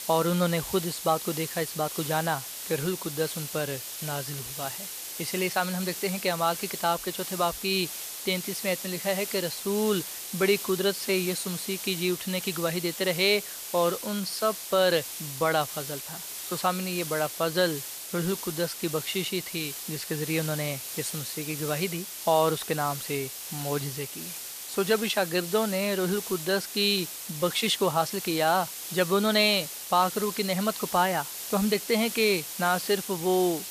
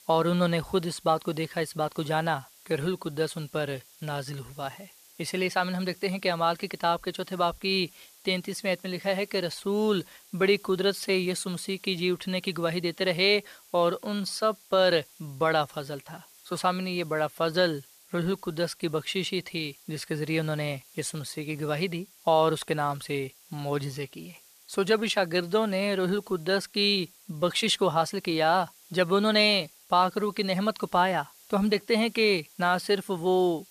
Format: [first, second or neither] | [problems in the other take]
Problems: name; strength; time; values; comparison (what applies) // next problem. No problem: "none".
second | hiss; loud; throughout; 7 dB below the speech; faint in the second